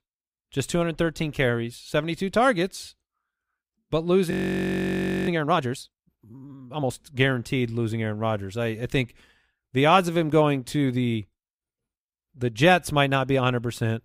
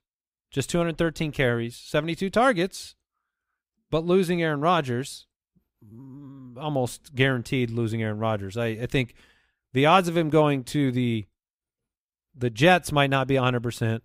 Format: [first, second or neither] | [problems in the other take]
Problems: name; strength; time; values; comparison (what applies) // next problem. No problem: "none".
second | audio freezing; at 4.5 s for 1 s